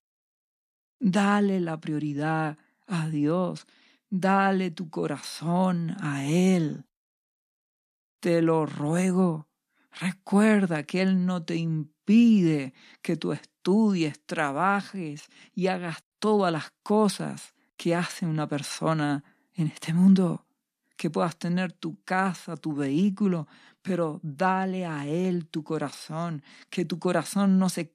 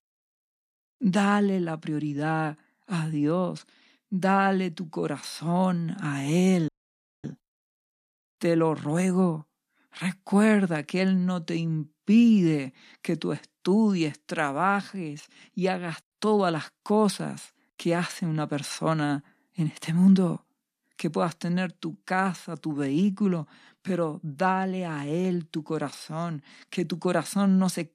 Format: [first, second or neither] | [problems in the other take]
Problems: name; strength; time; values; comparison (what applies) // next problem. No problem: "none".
first | audio freezing; at 6.5 s for 0.5 s